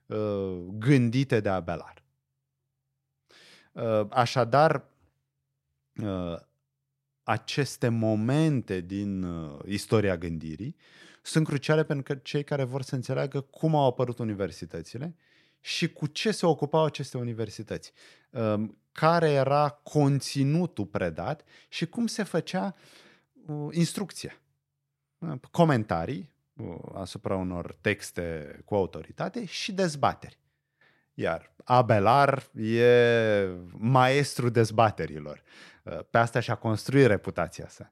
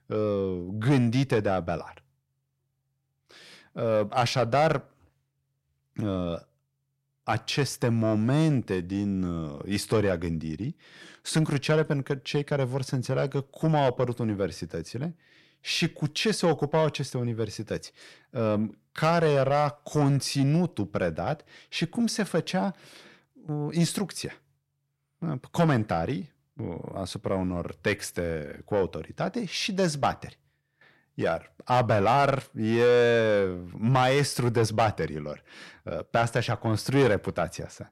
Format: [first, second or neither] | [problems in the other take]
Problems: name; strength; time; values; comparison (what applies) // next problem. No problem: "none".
first | distortion; slight; 10 dB below the speech